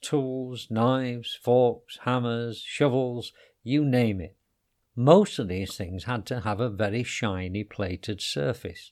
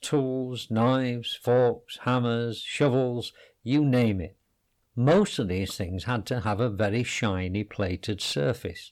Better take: first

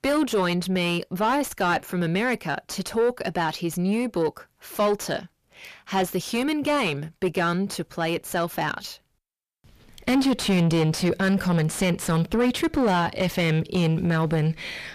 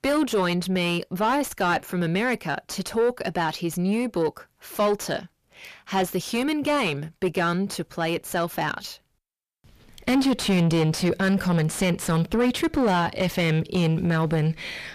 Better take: neither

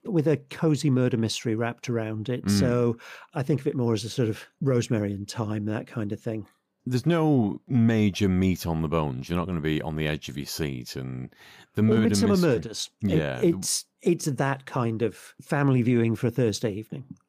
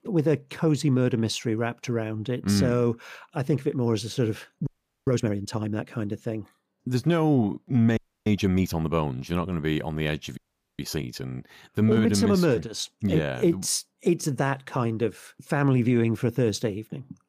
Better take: first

